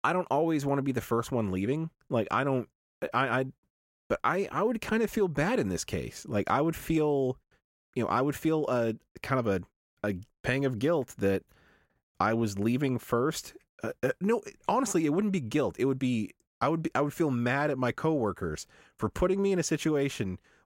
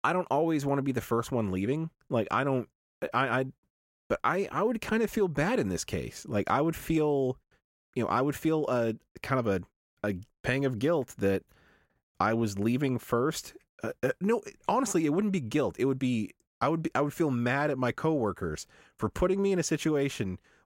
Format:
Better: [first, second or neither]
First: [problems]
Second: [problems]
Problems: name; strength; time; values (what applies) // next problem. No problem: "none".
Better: neither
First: none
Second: none